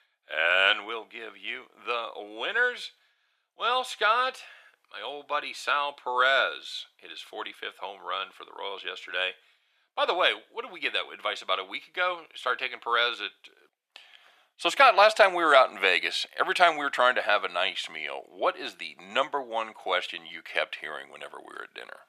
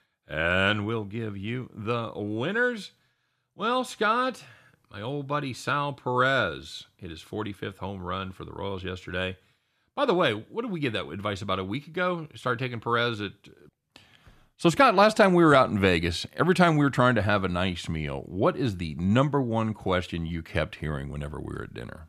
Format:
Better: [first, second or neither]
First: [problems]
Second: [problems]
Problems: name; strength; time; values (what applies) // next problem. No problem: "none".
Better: second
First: thin; very; fading below 500 Hz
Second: none